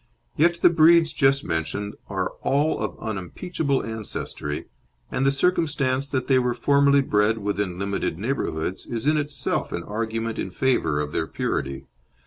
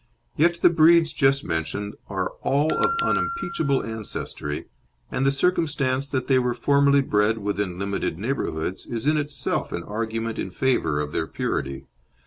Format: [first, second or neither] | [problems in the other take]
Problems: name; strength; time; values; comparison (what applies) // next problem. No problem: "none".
first | background sound (Bell); 6 dB below the speech